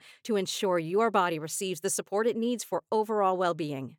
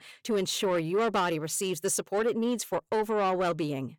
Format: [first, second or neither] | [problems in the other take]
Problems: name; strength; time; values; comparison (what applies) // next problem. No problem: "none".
first | distortion; slight; 10 dB below the speech